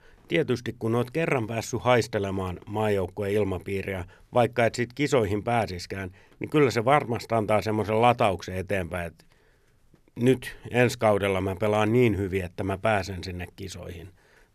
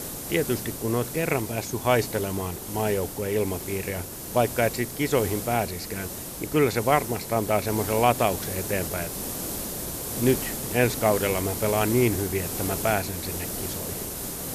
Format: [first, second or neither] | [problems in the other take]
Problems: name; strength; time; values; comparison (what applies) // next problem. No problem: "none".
first | hiss; loud; throughout; 6 dB below the speech